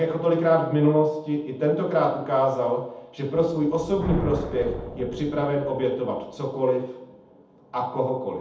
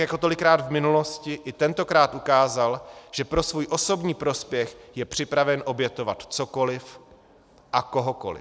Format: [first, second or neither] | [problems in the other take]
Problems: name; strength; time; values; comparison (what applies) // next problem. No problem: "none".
second | background sound (Thunder); 14 dB below the speech // room echo; dies away in 0.8 s